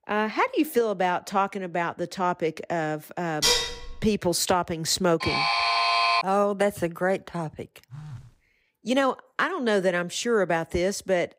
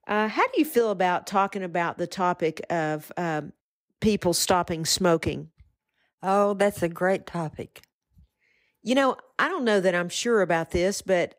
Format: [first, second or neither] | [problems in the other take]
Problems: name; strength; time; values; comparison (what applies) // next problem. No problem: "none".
second | clattering dishes; loud; at 3.5 s; peak 5 dB above the speech // alarm; loud; from 5 to 6 s; peak 5 dB above the speech // phone ringing; faint; at 8 s; peak 15 dB below the speech